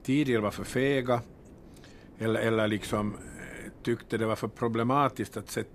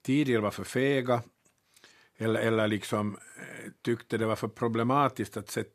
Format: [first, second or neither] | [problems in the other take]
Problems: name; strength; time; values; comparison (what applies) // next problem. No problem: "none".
second | wind noise on the microphone; occasional gusts; 25 dB below the speech